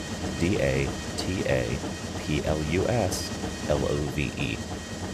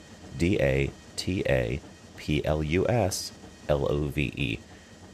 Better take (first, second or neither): second